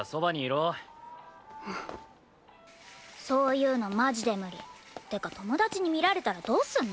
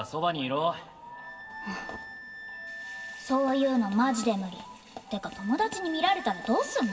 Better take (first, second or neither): first